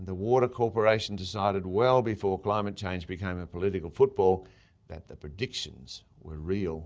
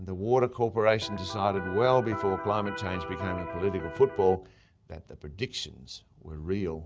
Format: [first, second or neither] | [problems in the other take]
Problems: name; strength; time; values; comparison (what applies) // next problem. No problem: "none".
first | background sound (Electric guitar); 9 dB below the speech